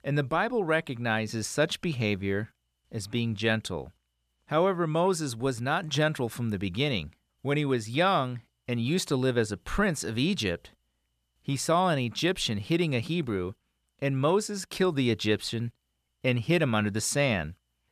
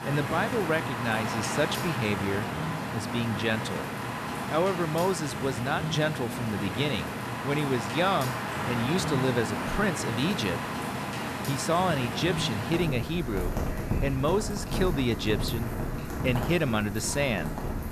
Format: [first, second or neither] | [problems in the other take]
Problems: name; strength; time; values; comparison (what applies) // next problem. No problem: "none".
first | rain or running water; loud; throughout; 3 dB below the speech